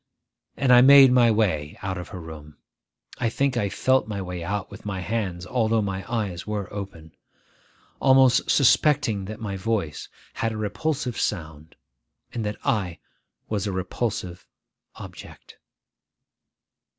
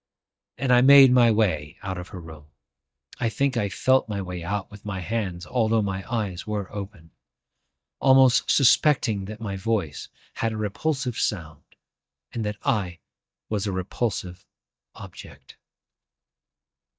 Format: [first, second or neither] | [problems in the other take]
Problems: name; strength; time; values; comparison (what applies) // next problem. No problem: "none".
first | noise reduction (neural mask model DeepFilterNet 3)